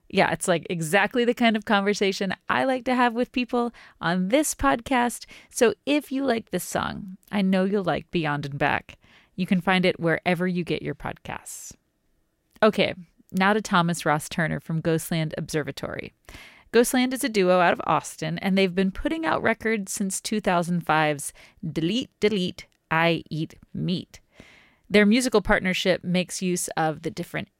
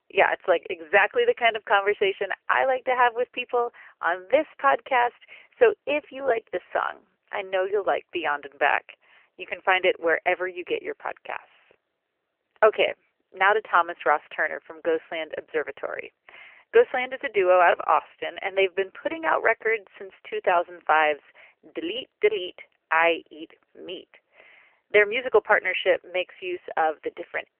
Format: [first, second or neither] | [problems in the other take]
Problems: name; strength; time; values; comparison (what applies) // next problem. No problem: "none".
first | phone-call audio; nothing above 3 kHz